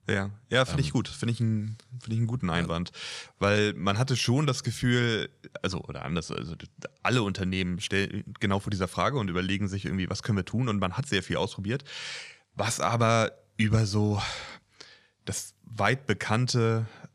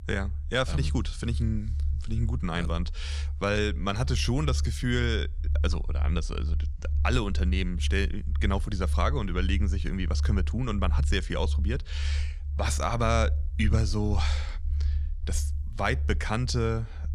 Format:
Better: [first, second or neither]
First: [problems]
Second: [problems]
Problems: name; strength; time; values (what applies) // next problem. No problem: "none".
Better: first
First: none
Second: low rumble; noticeable; throughout; 15 dB below the speech